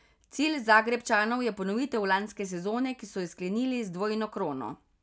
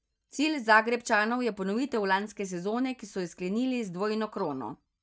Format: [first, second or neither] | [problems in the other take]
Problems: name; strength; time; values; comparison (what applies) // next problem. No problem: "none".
first | noise reduction (neural mask model DeepFilterNet 3)